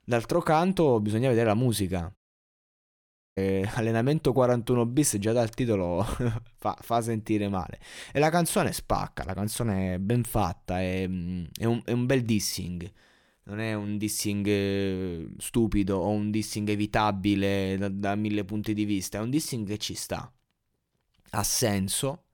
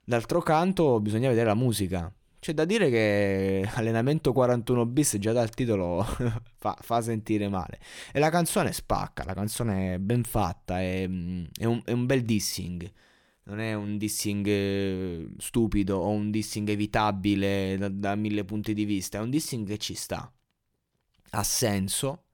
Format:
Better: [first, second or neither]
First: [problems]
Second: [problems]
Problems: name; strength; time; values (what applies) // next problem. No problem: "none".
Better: second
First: audio cutting out; at 2 s for 1 s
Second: none